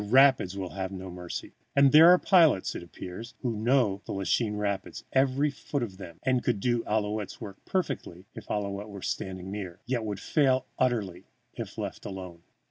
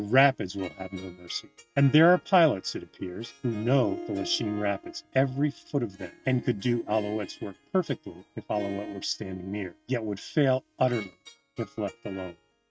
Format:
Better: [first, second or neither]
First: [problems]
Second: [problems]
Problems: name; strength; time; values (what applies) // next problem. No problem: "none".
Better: first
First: none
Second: noise reduction (neural mask model RNNoise)